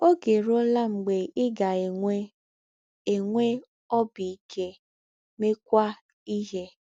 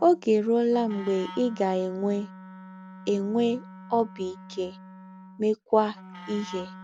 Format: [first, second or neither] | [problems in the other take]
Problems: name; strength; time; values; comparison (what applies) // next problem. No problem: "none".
first | background sound (Wind instrument, woodwind instrument); 17 dB below the speech